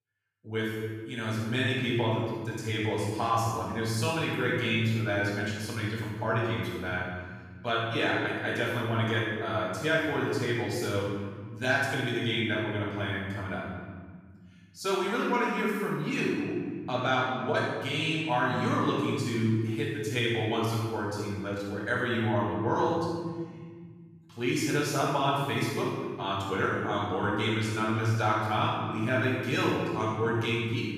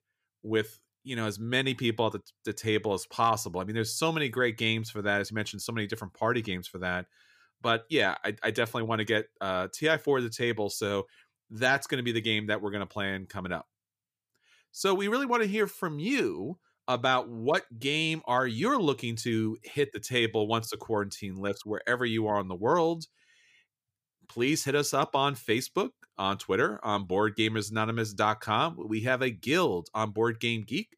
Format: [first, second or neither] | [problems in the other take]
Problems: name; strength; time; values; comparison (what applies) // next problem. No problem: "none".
second | room echo; strong; dies away in 1.9 s // off-mic speech; far